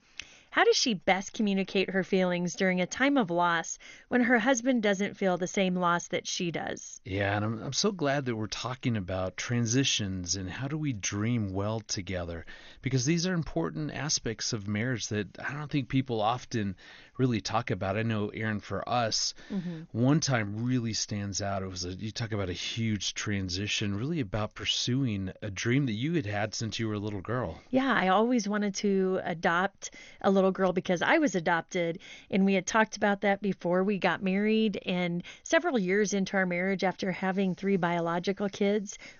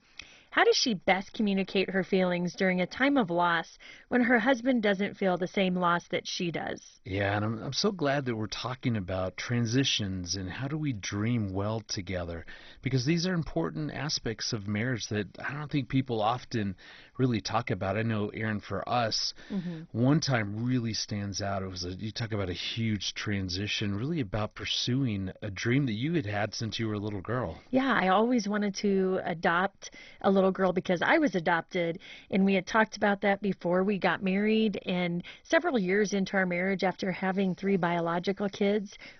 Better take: first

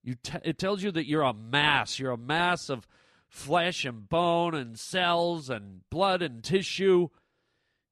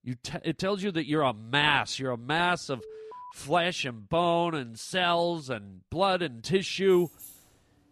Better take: first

